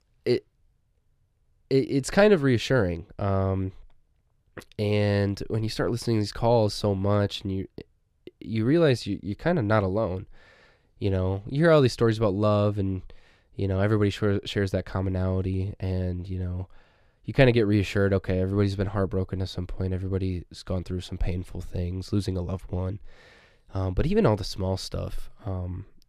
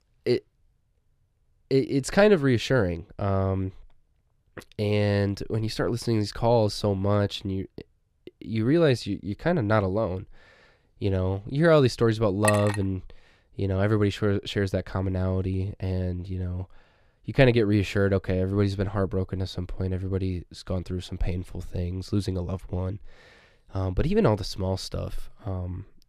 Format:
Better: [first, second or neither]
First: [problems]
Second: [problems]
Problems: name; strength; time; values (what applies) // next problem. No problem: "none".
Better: first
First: none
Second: clattering dishes; noticeable; at 12 s; peak 3 dB below the speech